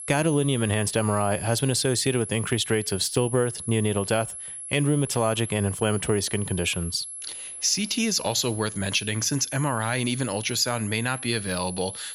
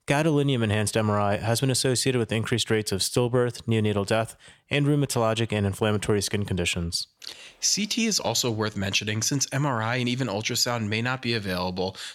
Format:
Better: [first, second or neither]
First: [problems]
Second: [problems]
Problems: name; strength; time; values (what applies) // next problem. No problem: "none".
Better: second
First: high-pitched whine; loud; throughout; 11 kHz, 9 dB below the speech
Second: none